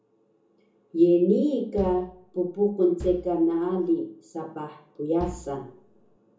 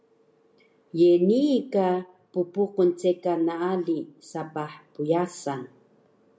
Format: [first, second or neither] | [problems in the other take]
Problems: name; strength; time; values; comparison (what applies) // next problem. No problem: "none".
second | background sound (Bass drum); 16 dB below the speech // room echo; dies away in 0.7 s